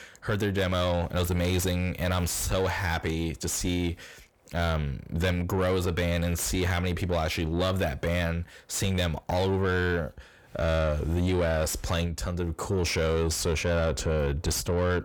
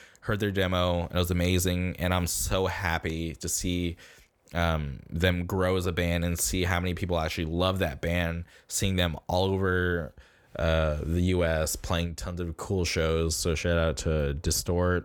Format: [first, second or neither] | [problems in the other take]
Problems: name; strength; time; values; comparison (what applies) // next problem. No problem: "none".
second | distortion; slight; 10 dB below the speech